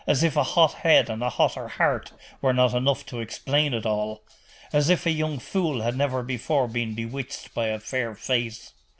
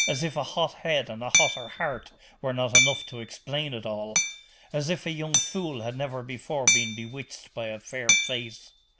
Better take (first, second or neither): first